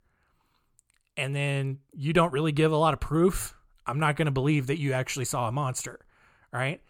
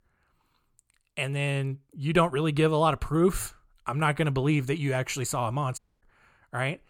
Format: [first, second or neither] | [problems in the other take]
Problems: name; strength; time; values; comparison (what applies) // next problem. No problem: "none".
first | audio cutting out; at 6 s